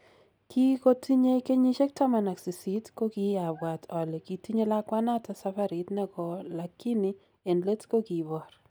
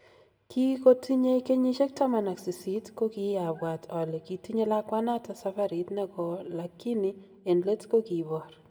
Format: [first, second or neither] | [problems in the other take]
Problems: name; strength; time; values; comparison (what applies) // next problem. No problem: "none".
first | room echo; dies away in 0.8 s